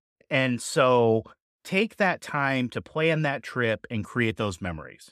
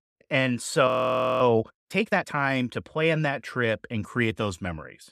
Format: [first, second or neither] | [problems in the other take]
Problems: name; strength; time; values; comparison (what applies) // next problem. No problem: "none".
first | audio freezing; at 1 s for 0.5 s